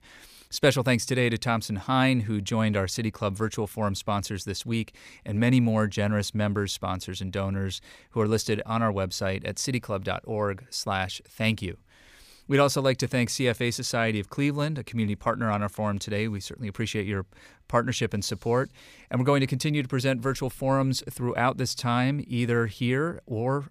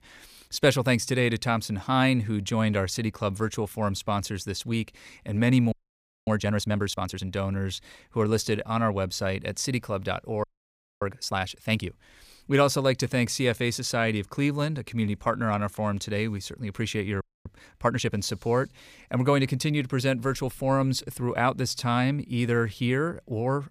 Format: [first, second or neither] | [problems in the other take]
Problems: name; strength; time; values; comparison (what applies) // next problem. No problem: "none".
first | audio freezing; at 5.5 s for 0.5 s, at 10 s for 0.5 s and at 17 s